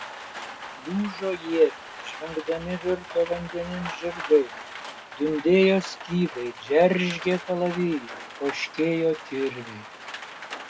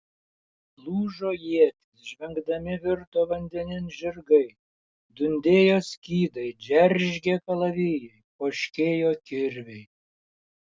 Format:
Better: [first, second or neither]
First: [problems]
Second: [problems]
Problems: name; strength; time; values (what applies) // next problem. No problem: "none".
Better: second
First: background sound (Rain); 13 dB below the speech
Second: none